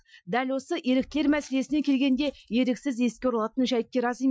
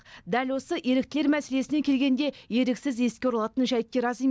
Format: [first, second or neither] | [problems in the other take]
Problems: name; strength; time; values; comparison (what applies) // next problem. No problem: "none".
second | noise reduction (classical method Wiener filter)